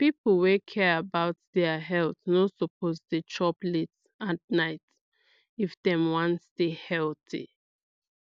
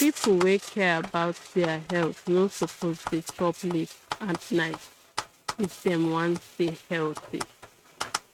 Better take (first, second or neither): first